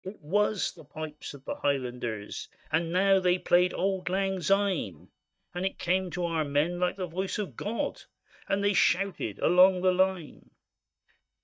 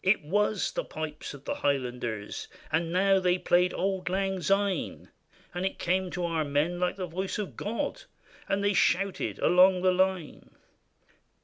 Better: second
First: noise reduction (neural mask model DeepFilterNet 3)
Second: none

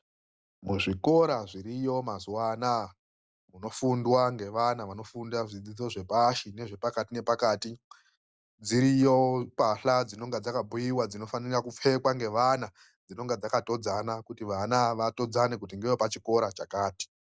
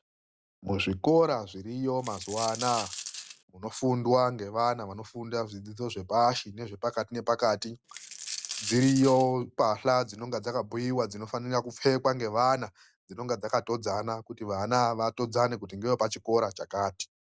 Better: first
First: none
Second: background sound (Coin (dropping)); 10 dB below the speech

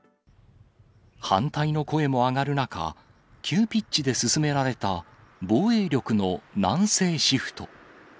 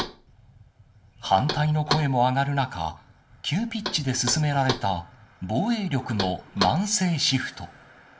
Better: first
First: none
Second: background sound (Knock); 10 dB below the speech // room echo; dies away in 0.4 s

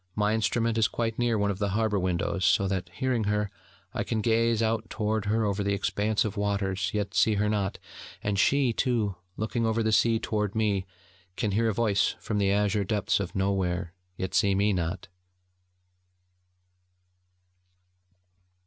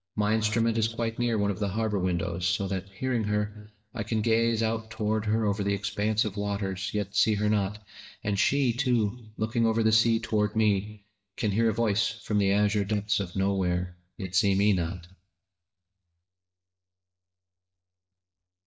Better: first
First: none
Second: noise reduction (neural mask model DeepFilterNet 3)

